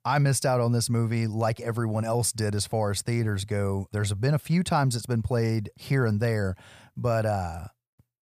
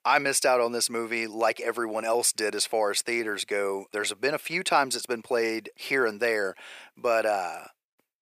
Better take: first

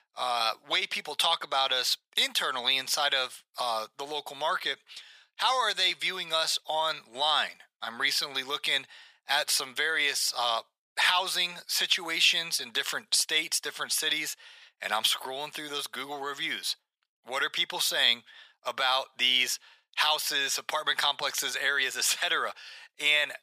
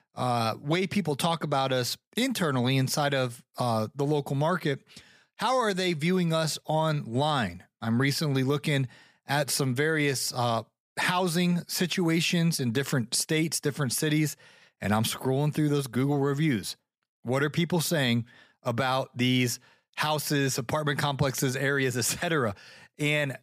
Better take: second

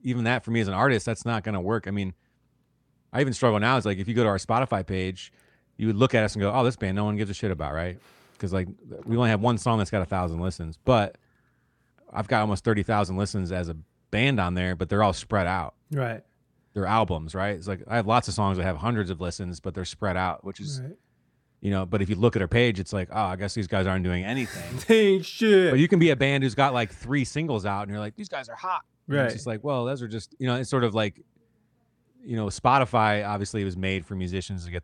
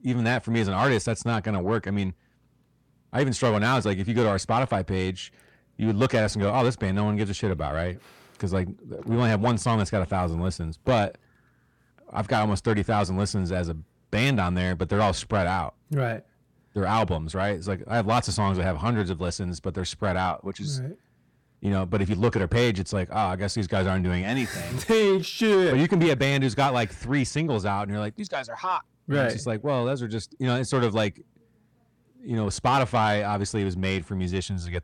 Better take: first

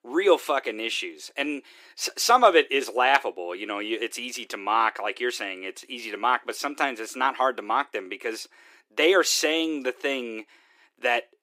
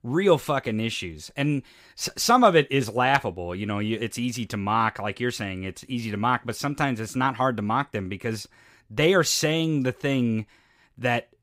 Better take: second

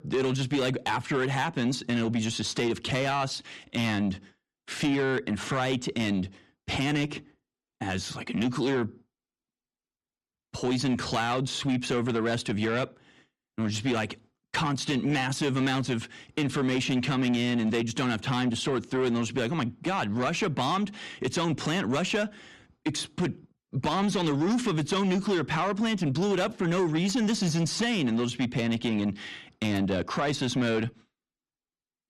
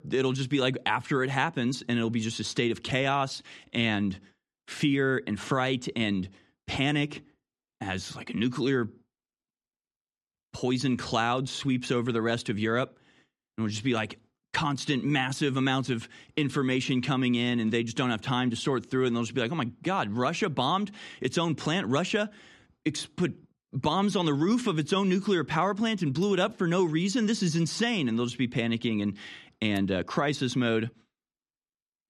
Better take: second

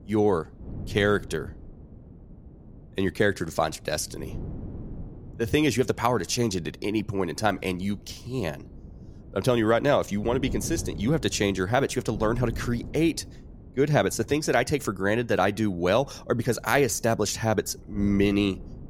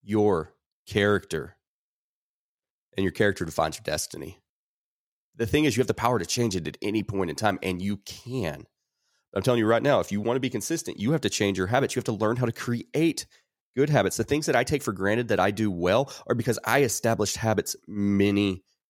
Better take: second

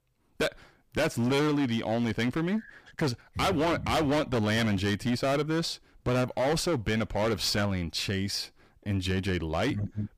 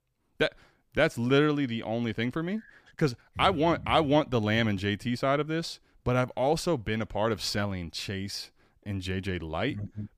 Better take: second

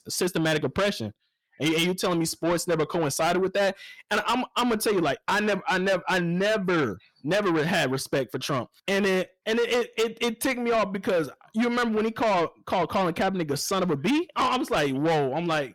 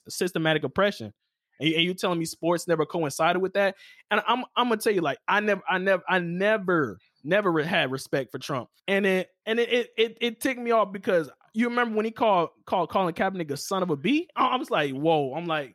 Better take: second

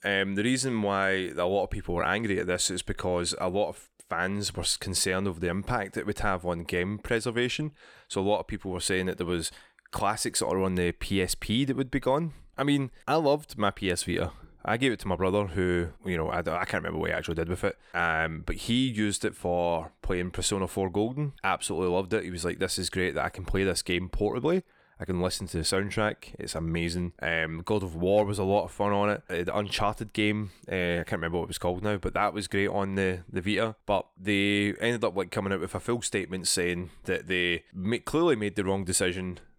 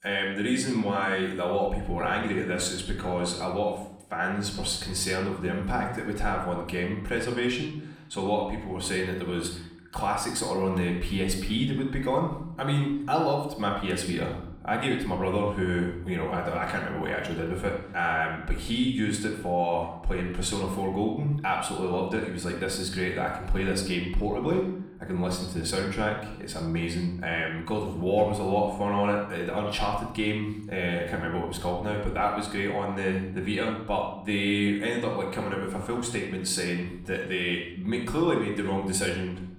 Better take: first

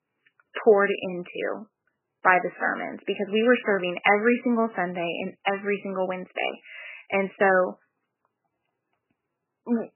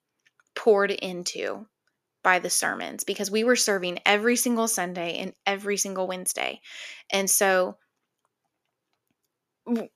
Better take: second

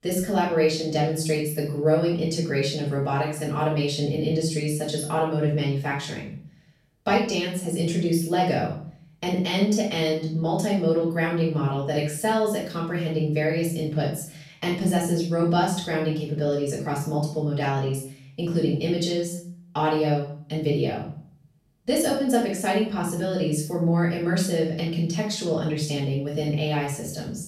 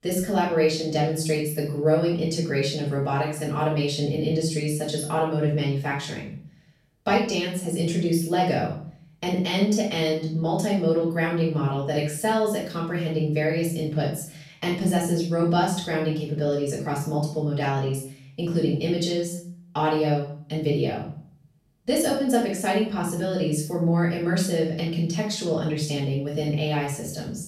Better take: neither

